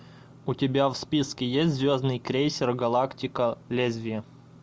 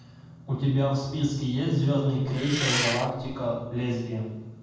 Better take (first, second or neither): first